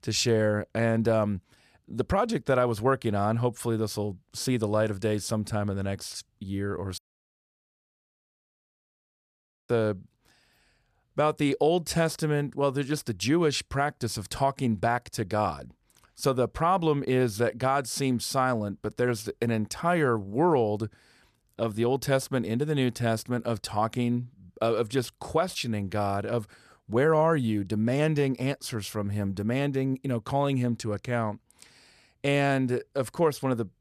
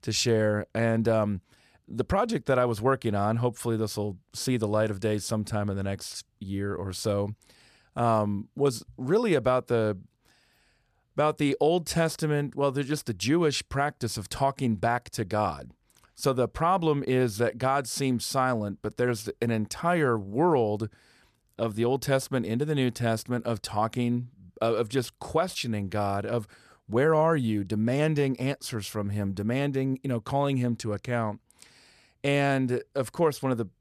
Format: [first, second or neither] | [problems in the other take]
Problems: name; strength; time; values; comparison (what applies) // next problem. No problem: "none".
second | audio cutting out; at 7 s for 2.5 s